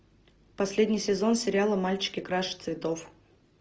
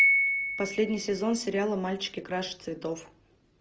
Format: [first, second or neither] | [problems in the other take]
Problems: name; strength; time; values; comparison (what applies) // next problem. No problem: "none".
first | background sound (Piano); as loud as the speech